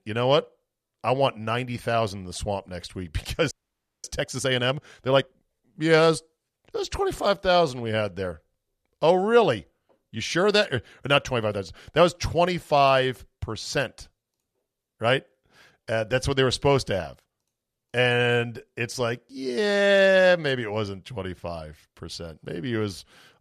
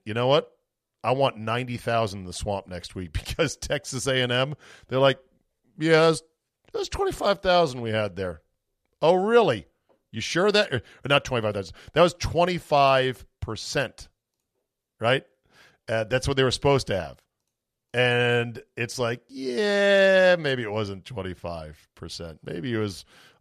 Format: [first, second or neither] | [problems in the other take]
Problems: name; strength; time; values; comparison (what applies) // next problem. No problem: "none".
second | audio freezing; at 3.5 s for 0.5 s